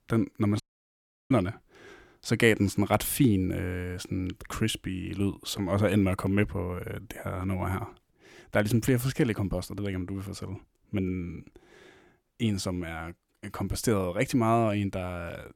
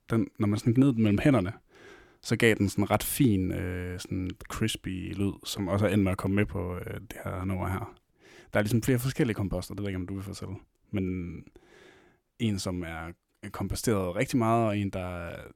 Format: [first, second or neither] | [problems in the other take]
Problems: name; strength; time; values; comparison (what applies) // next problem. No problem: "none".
second | audio cutting out; at 0.5 s for 0.5 s